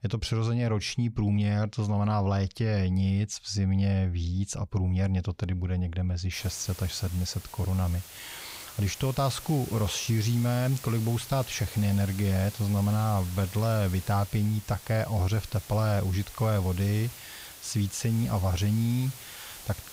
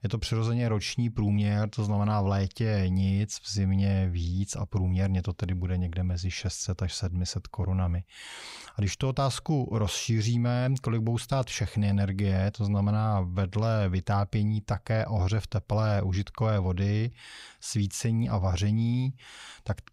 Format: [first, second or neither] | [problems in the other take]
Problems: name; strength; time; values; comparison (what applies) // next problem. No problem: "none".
second | hiss; noticeable; from 6.5 s on; 15 dB below the speech